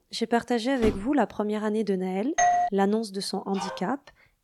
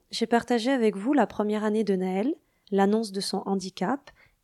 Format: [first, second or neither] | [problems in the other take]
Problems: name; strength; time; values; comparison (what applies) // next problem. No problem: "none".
second | door banging; noticeable; at 1 s; peak 6 dB below the speech // doorbell; loud; at 2.5 s; peak 5 dB above the speech // dog barking; noticeable; at 3.5 s; peak 9 dB below the speech